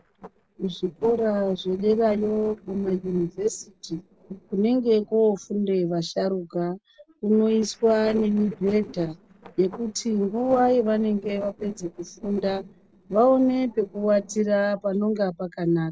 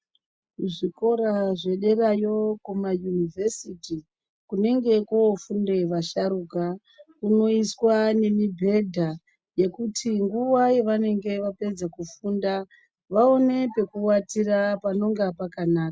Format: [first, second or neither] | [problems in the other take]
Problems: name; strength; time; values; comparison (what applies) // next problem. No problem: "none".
second | noise reduction (neural separator model SepFormer DNS4)